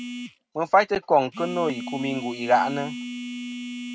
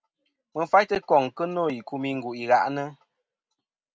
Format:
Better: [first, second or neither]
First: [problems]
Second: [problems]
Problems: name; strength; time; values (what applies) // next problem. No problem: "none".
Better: second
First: background sound (Telephone); 9 dB below the speech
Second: none